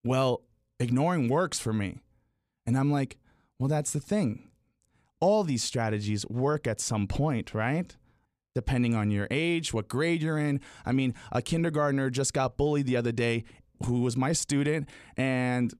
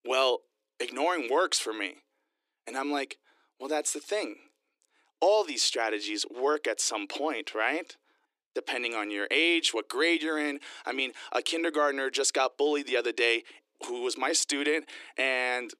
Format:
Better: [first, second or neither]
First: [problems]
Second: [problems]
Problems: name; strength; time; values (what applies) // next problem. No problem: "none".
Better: first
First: none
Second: thin; very; fading below 300 Hz